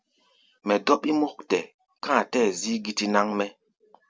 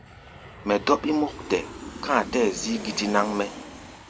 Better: first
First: none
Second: background sound (Aircraft); 13 dB below the speech

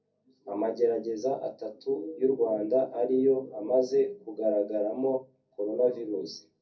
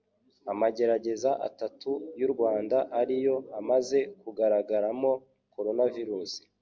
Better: second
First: room echo; dies away in 0.3 s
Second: none

